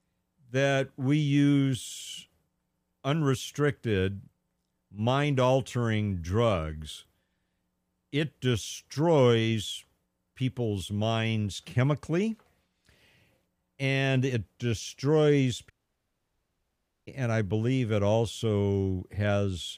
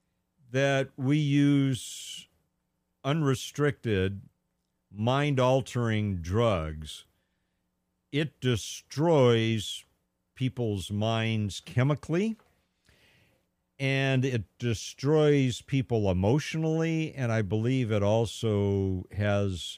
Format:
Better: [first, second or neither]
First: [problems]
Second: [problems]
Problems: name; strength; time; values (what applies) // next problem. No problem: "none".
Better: second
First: audio cutting out; at 16 s for 1.5 s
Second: none